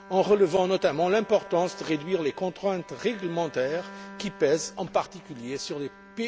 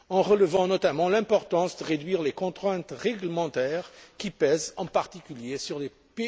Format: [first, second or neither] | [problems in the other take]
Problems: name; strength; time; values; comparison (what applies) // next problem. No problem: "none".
second | background sound (Bowed string instrument); 19 dB below the speech